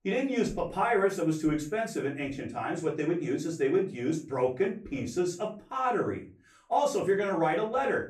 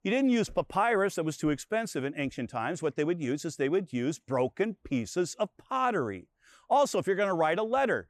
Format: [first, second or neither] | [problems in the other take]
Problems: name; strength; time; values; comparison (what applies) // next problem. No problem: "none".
second | off-mic speech; far // room echo; slight; dies away in 0.3 s